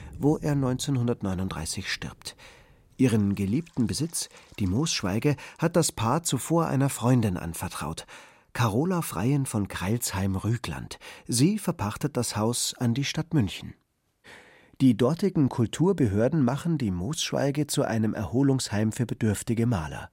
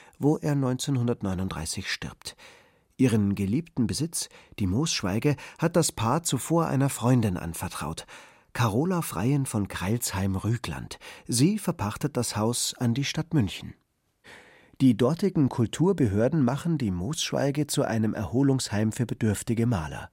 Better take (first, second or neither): second